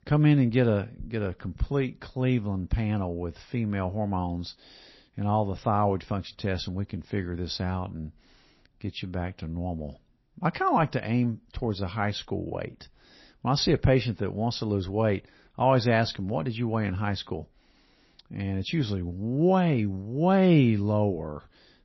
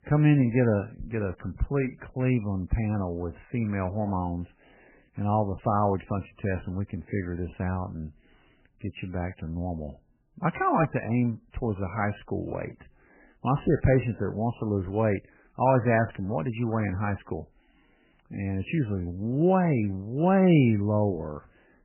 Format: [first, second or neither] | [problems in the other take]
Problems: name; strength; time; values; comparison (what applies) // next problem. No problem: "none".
first | garbled, watery; badly; nothing above 3 kHz; slightly in the first